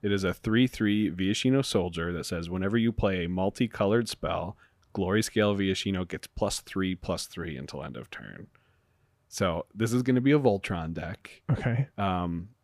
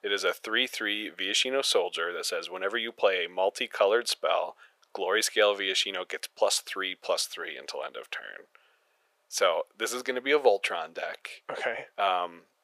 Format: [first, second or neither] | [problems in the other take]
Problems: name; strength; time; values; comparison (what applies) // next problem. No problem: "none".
first | thin; very; fading below 500 Hz